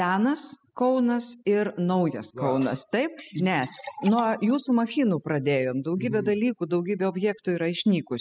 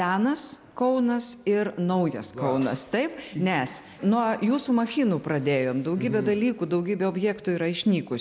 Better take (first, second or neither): second